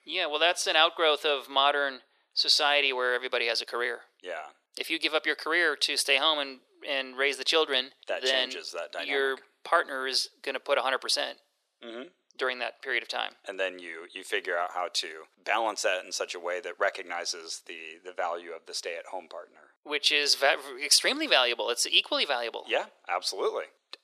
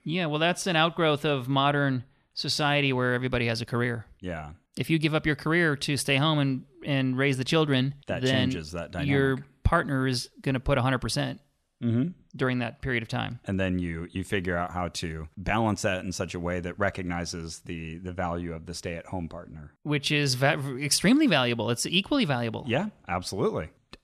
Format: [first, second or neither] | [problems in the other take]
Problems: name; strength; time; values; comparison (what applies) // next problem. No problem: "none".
second | thin; very; fading below 400 Hz